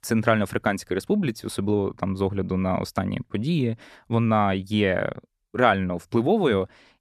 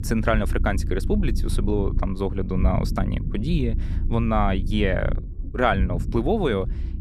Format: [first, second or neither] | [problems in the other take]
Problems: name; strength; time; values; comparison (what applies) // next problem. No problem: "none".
first | low rumble; noticeable; throughout; 15 dB below the speech